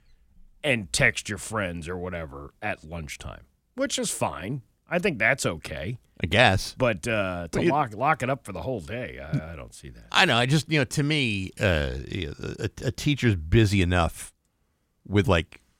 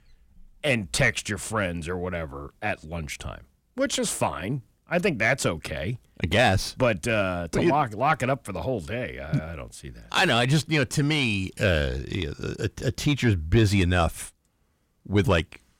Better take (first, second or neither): first